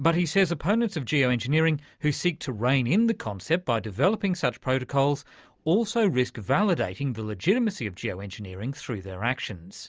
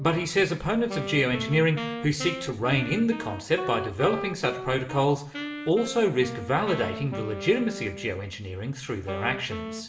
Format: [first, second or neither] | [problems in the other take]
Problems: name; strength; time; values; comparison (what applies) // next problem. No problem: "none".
first | background sound (Wind instrument, woodwind instrument); 10 dB below the speech // room echo; dies away in 0.6 s